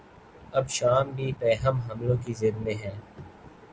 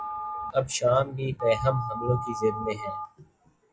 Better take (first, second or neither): first